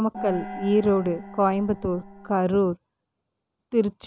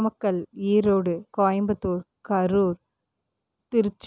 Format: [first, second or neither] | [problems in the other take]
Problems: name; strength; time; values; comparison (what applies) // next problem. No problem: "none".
second | background sound (Gong); 12 dB below the speech